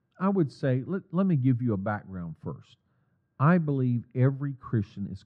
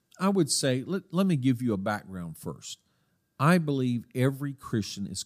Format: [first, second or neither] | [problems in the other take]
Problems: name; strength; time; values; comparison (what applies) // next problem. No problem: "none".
second | muffled; very; fading above 1.5 kHz